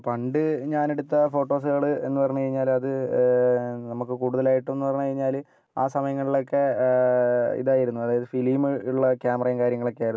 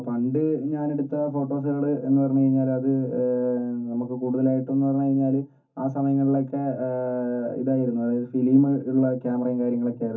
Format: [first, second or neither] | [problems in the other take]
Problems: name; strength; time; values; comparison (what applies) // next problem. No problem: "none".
first | room echo; dies away in 0.3 s